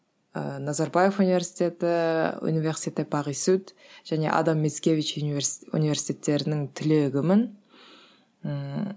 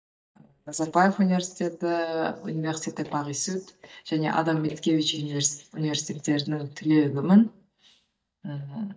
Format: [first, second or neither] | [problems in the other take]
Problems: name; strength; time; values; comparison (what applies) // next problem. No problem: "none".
first | noise reduction (neural mask model DeepFilterNet 3)